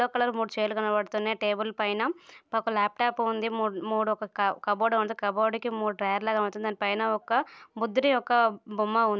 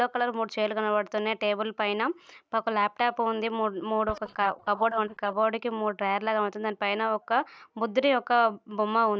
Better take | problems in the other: first | noise reduction (neural mask model DeepFilterNet 3)

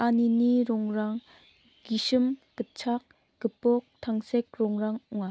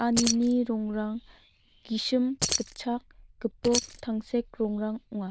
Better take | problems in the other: first | noise reduction (neural diffusion model UNIVERSE++)

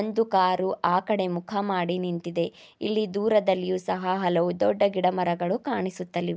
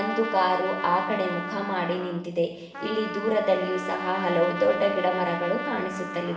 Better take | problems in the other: first | background sound (Trumpet); 7 dB below the speech // room echo; dies away in 1 s

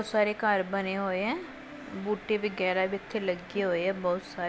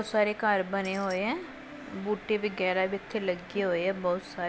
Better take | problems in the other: first | background sound (Tambourine); 20 dB below the speech

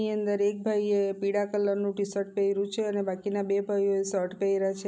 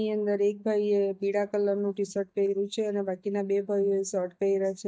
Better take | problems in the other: first | noise reduction (neural mask model DeepFilterNet 3)

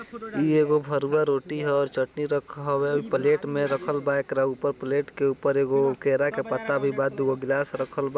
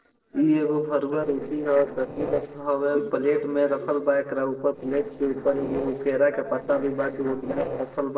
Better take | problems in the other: first | noise reduction (neural separator model SepFormer DNS4)

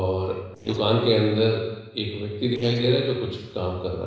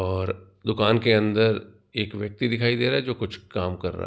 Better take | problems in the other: second | noise reduction (neural separator model SepFormer DNS4)

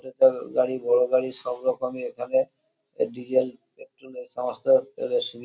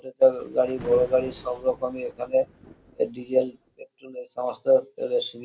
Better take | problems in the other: first | background sound (Thunder); 19 dB below the speech

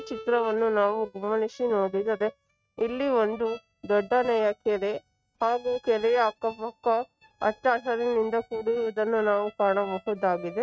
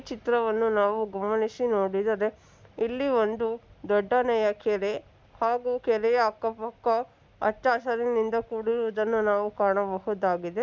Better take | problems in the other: second | noise reduction (neural mask model RNNoise)

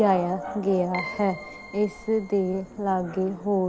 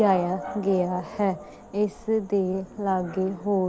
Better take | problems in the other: second | background sound (Keyboard (musical)); 15 dB below the speech

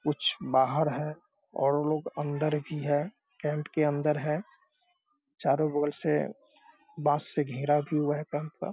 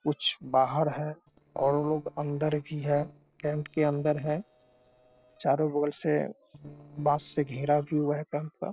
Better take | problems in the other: first | noise reduction (neural separator model SepFormer DNS4)

